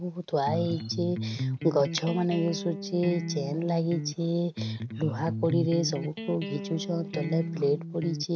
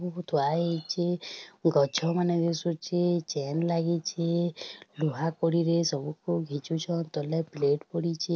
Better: second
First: background sound (Electric guitar); 5 dB below the speech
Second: none

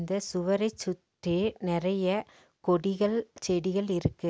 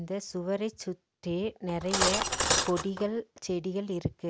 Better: first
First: none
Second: background sound (Cutlery, silverware); 3 dB above the speech

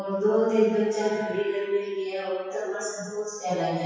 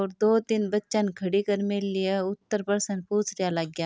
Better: second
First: noise reduction (classical method WPE with log-MMSE)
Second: none

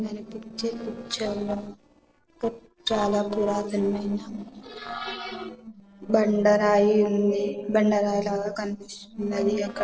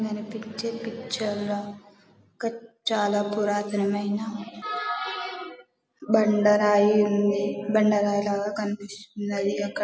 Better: second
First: noise reduction (neural separator model SepFormer DNS4)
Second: none

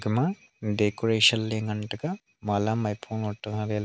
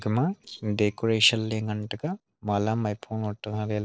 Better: first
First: none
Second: noise reduction (neural separator model SepFormer DNS4)

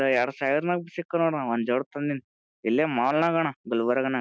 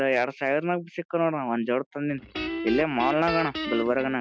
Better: first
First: none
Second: background sound (Guitar); 7 dB below the speech

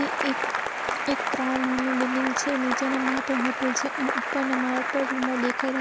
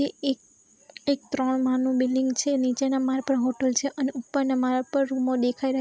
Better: second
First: background sound (Applause / Cheering); 1 dB below the speech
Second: none

